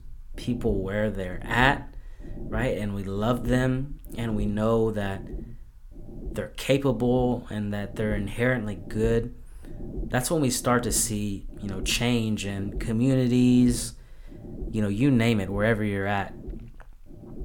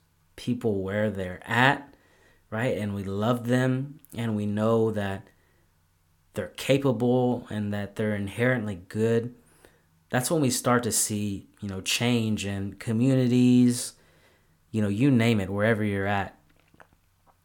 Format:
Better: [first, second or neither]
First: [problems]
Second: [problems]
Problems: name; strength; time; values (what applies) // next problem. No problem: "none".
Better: second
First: low rumble; noticeable; throughout; 20 dB below the speech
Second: none